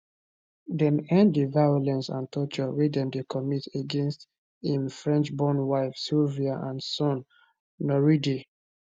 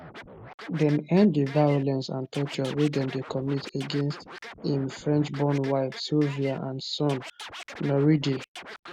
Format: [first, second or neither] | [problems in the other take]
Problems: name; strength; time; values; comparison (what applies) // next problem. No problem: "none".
first | background sound (Scratching (performance technique)); 17 dB below the speech